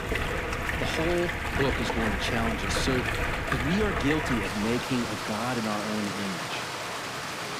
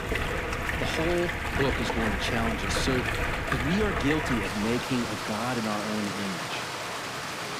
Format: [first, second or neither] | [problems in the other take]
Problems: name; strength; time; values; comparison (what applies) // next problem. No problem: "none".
neither | rain or running water; very loud; throughout; 1 dB above the speech; the same in both